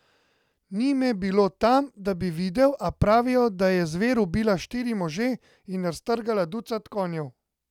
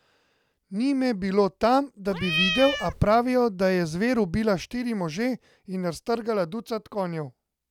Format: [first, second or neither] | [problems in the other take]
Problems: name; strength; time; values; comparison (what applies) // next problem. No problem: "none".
first | background sound (Cat); 3 dB below the speech